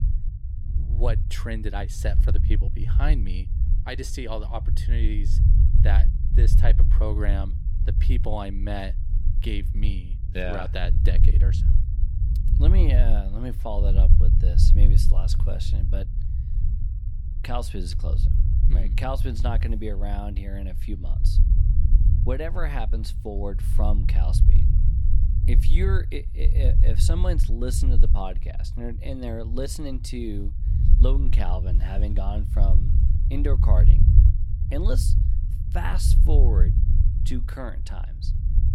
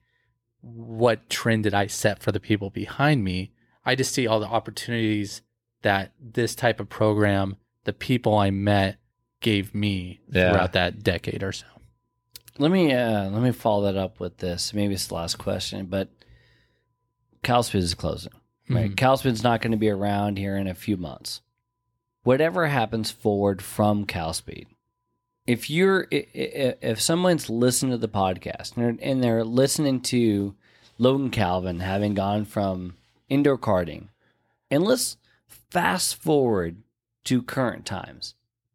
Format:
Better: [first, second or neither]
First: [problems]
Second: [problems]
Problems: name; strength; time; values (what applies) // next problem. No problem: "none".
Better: second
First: low rumble; loud; throughout; 7 dB below the speech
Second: none